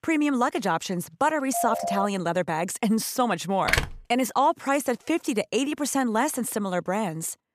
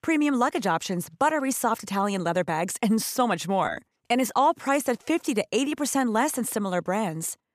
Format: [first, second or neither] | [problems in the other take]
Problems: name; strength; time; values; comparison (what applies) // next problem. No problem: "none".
second | phone ringing; noticeable; at 1.5 s; peak 3 dB below the speech // door banging; loud; at 3.5 s; peak 1 dB above the speech